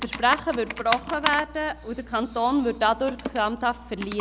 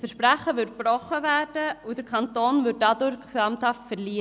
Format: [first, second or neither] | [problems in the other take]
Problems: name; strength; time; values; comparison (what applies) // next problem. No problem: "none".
second | background sound (Computer keyboard); 9 dB below the speech